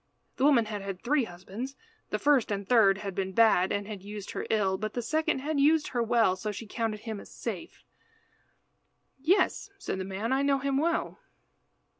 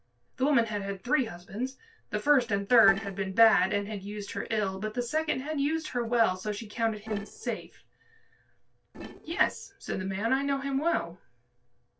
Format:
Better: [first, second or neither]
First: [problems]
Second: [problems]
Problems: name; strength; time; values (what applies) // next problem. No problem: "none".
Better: first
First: none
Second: noise reduction (neural separator model SepFormer DNS4)